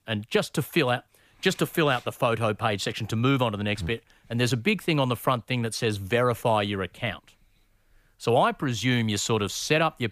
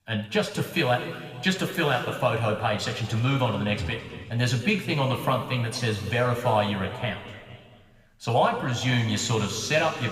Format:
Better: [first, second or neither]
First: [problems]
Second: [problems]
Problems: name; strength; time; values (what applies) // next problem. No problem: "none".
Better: first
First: none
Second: room echo; noticeable; dies away in 2.1 s // off-mic speech; somewhat distant